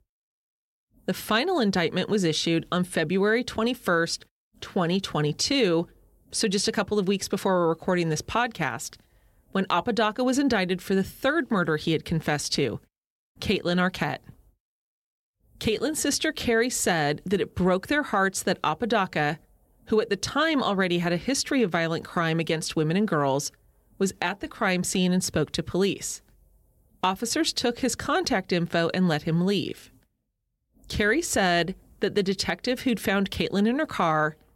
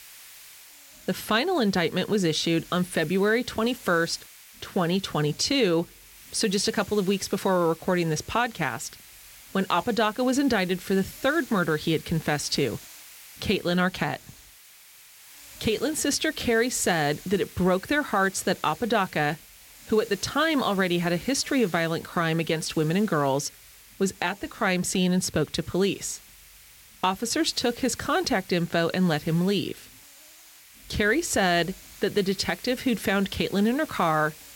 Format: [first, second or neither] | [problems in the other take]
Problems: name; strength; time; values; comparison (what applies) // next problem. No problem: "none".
first | hiss; noticeable; throughout; 20 dB below the speech